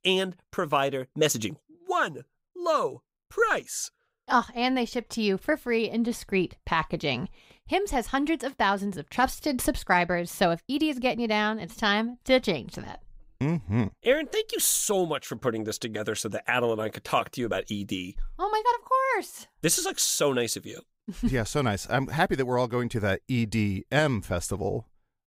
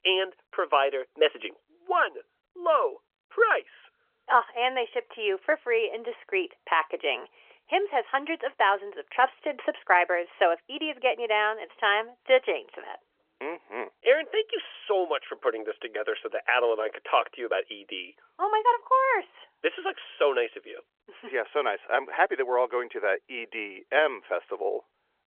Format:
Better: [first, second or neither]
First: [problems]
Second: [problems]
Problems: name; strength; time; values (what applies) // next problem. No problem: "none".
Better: first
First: none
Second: phone-call audio; nothing above 3.5 kHz